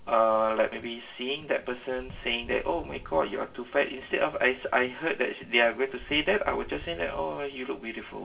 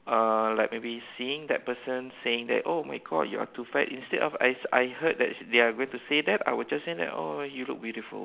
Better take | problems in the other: second | background sound (Wind); 19 dB below the speech // room echo; dies away in 0.2 s

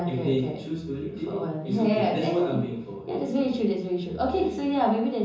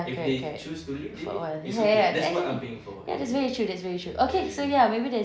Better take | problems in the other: second | room echo; dies away in 0.6 s

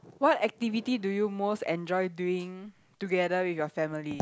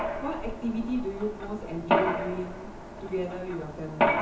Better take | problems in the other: first | background sound (Mechanisms); 3 dB above the speech // room echo; dies away in 0.6 s

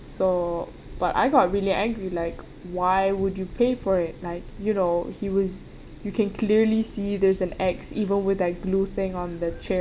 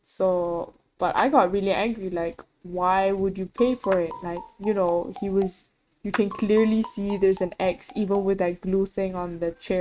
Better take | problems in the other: first | noise reduction (neural mask model RNNoise)

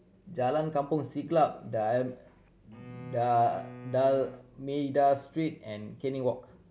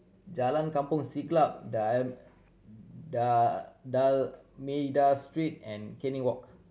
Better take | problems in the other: second | background sound (Bowed string instrument); 17 dB below the speech

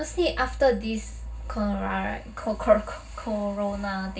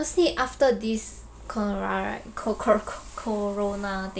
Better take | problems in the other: second | room echo; dies away in 0.4 s

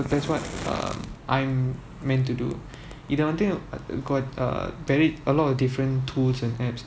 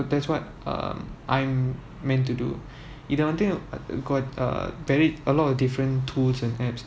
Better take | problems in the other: second | background sound (Fire); 17 dB below the speech

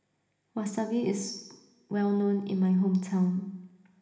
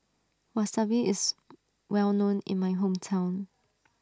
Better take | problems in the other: second | room echo; dies away in 1.1 s

